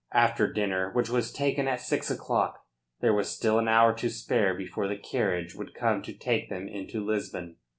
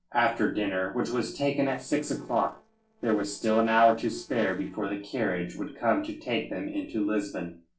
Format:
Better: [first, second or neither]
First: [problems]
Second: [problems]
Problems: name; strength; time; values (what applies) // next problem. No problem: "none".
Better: first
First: none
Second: noise reduction (neural separator model SepFormer DNS4)